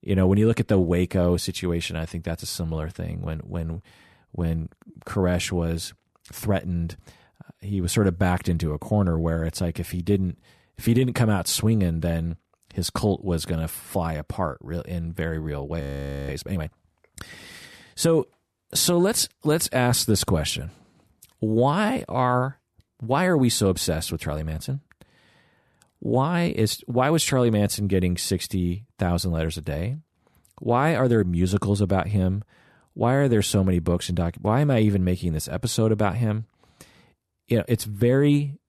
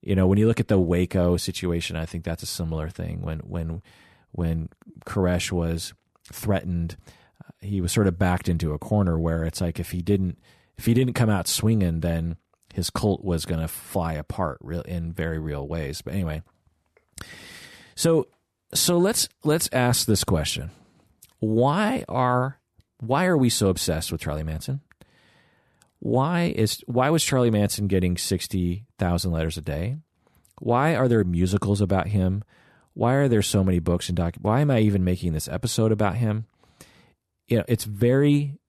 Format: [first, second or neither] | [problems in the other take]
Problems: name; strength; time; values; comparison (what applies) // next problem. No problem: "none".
second | audio freezing; at 16 s